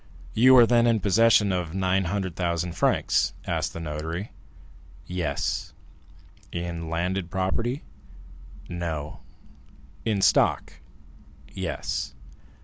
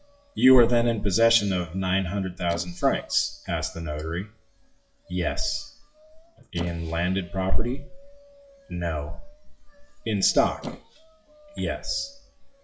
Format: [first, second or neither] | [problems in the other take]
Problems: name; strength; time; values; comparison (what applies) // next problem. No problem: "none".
first | noise reduction (classical method WPE with log-MMSE)